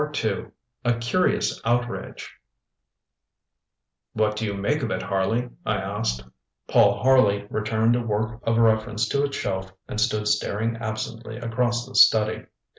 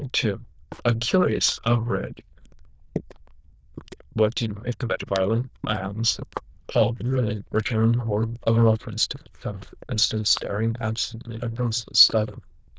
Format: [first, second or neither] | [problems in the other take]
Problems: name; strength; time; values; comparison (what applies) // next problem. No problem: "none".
first | noise reduction (neural diffusion model UNIVERSE++)